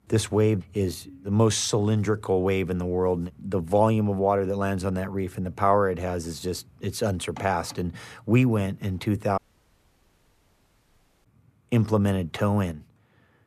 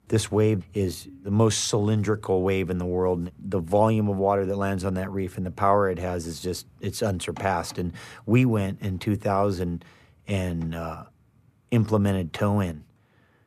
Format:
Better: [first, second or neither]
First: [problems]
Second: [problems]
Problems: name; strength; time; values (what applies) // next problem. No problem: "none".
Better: second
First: audio cutting out; at 9.5 s for 2 s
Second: none